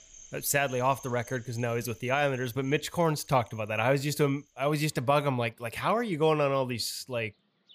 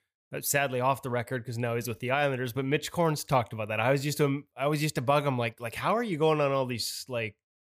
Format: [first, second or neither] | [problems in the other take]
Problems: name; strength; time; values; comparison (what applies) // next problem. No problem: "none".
second | animal sounds; faint; throughout; 25 dB below the speech